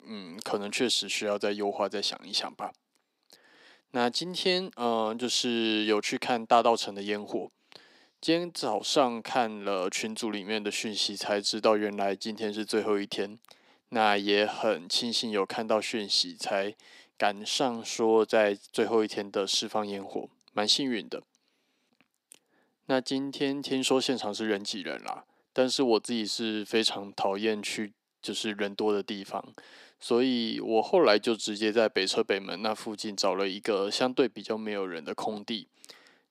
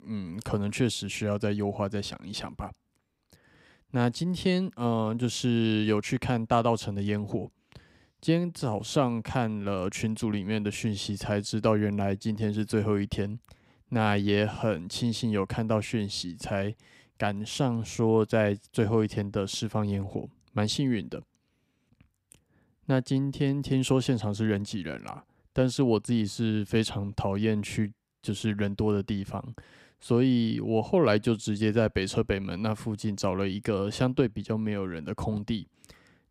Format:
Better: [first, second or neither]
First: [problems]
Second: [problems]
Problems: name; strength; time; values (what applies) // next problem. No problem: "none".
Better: second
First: thin; somewhat; fading below 300 Hz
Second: none